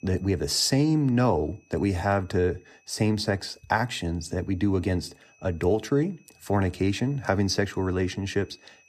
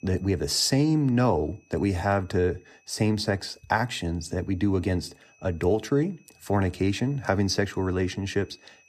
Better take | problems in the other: neither | high-pitched whine; faint; throughout; 2.5 kHz, 35 dB below the speech; the same in both

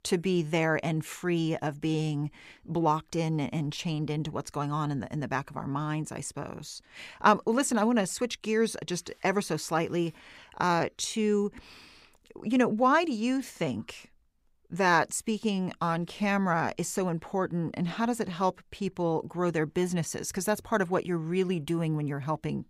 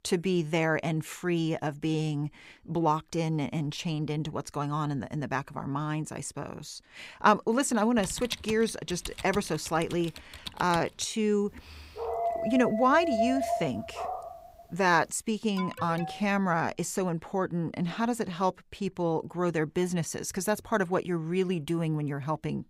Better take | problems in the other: first | keyboard typing; noticeable; from 8 to 11 s; peak 9 dB below the speech // dog barking; loud; from 12 to 14 s; peak level with the speech // alarm; noticeable; at 16 s; peak 9 dB below the speech

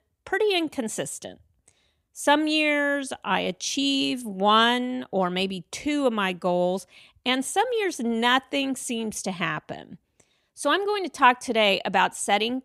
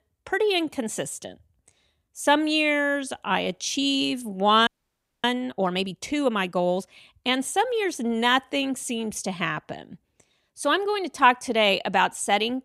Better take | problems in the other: first | audio freezing; at 4.5 s for 0.5 s

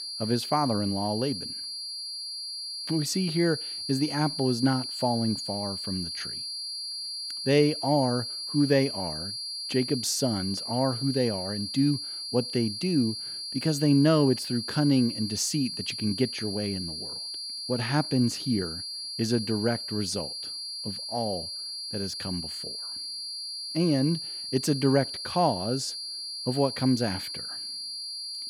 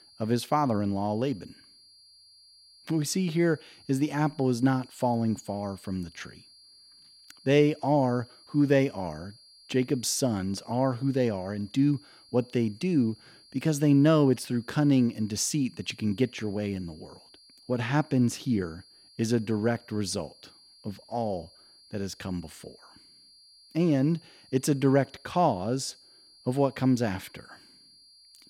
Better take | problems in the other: second | high-pitched whine; loud; throughout; 4.5 kHz, 5 dB below the speech; faint in the second

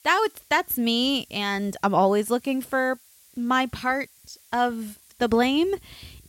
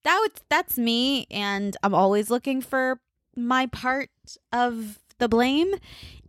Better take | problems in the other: second | hiss; faint; throughout; 30 dB below the speech

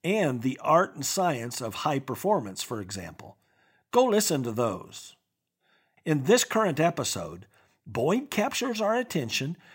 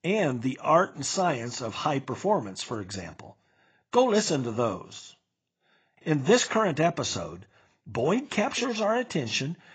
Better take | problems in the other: first | garbled, watery; badly; nothing above 7.5 kHz

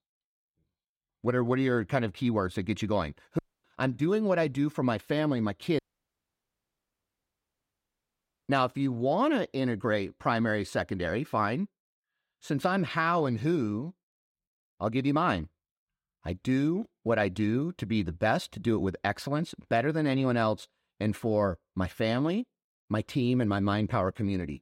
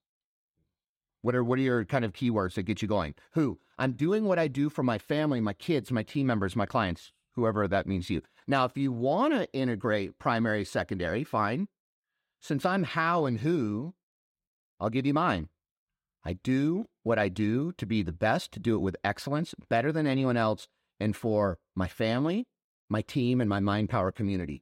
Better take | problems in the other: second | audio cutting out; at 3.5 s and at 6 s for 2.5 s

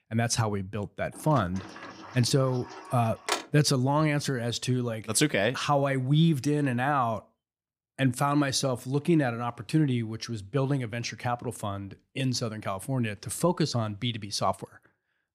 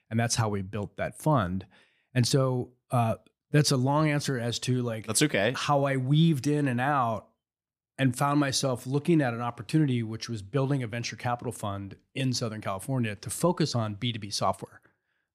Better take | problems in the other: second | door banging; noticeable; from 1.5 to 3.5 s; peak 3 dB below the speech

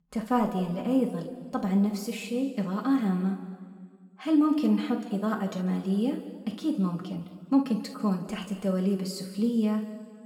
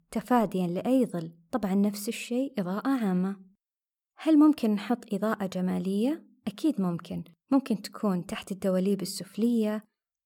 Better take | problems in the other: second | room echo; noticeable; dies away in 1.6 s // off-mic speech; far

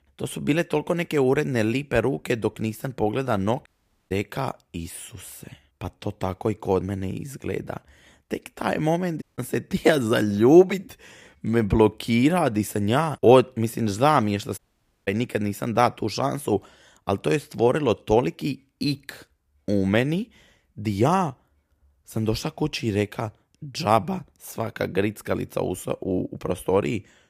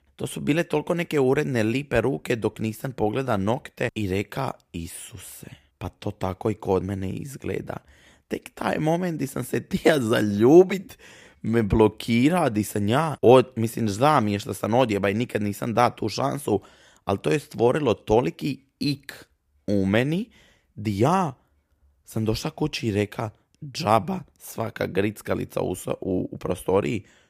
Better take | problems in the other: second | audio cutting out; at 3.5 s, at 9 s and at 15 s

